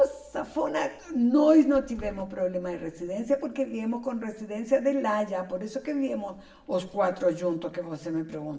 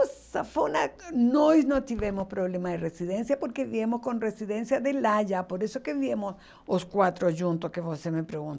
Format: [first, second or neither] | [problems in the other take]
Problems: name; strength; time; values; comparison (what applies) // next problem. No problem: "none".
second | room echo; dies away in 0.7 s